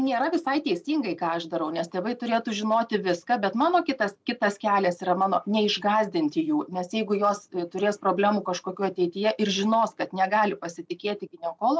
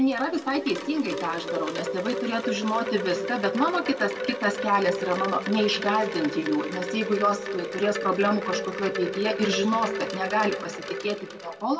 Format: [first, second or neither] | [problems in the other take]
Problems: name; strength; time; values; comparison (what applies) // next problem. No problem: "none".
first | background sound (Wind chime); 6 dB below the speech // room echo; dies away in 1.6 s